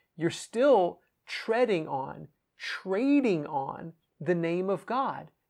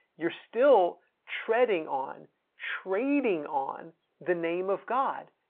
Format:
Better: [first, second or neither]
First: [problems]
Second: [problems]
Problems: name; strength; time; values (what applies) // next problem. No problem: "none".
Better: first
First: none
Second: phone-call audio